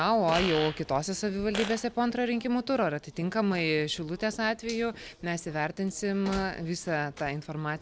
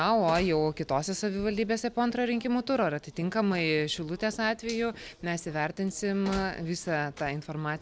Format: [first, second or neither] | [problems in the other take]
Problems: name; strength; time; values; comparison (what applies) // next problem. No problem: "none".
second | background sound (Fart); 9 dB below the speech